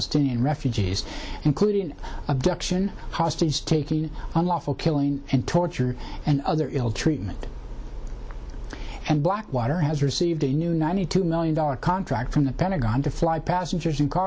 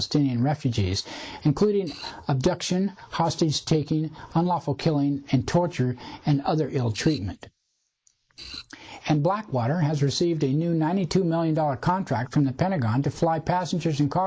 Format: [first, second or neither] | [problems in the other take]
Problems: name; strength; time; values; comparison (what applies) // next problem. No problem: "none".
first | noise reduction (neural mask model Resemble Enhance denoiser)